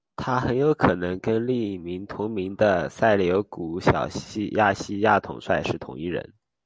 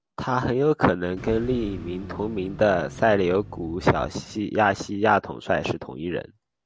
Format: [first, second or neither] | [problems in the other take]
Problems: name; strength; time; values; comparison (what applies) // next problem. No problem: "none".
first | background sound (Car); 13 dB below the speech